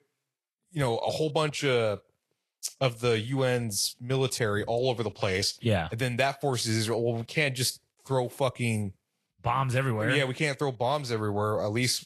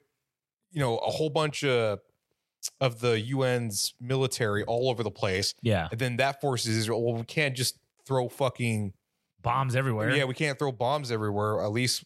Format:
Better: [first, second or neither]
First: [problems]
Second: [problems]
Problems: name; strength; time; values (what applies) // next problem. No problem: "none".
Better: second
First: garbled, watery; slightly; nothing above 12 kHz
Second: none